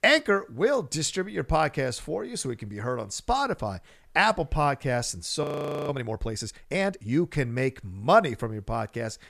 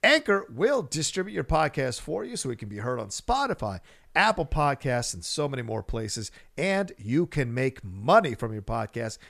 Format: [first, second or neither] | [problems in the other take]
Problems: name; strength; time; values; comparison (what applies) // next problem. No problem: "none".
second | audio freezing; at 5.5 s